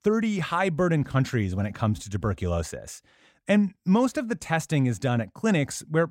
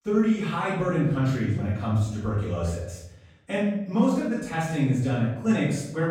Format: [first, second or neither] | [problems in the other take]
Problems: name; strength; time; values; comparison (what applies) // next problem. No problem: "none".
first | off-mic speech; far // room echo; noticeable; dies away in 0.7 s